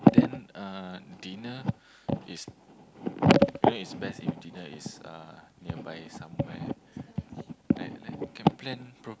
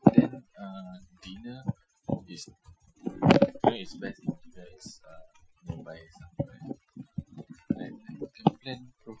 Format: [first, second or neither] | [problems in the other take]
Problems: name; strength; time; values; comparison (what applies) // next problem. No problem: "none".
first | noise reduction (classical method Wiener filter)